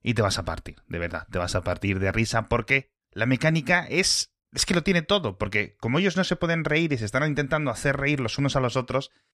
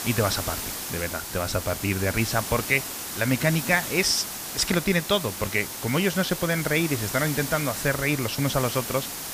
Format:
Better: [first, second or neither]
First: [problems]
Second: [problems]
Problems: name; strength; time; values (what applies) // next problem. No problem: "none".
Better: first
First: none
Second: hiss; loud; throughout; 6 dB below the speech